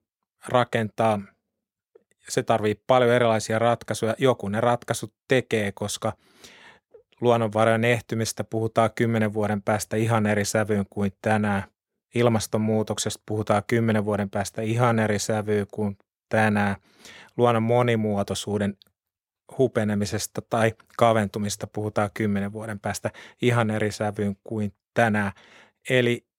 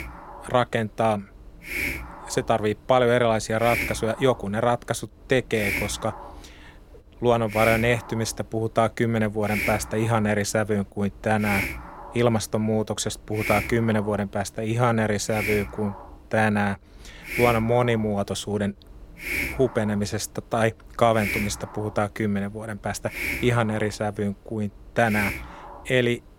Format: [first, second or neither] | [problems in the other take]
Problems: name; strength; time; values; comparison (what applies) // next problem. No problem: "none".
first | hiss; loud; throughout; 6 dB below the speech